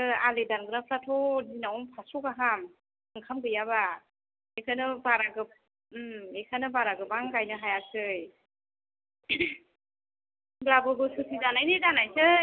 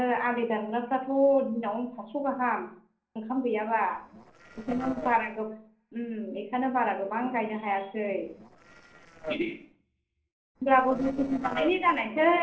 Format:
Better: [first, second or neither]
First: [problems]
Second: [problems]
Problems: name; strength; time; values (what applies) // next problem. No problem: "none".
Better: first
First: none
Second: noise reduction (neural separator model SepFormer DNS4)